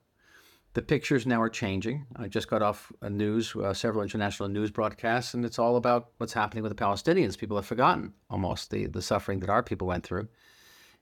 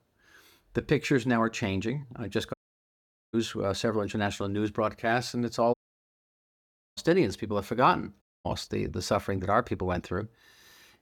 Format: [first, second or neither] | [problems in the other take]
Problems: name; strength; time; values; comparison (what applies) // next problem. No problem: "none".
first | audio cutting out; at 2.5 s for 1 s, at 5.5 s for 1 s and at 8 s